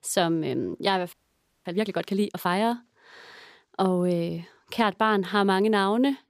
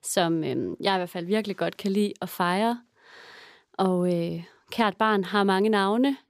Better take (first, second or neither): second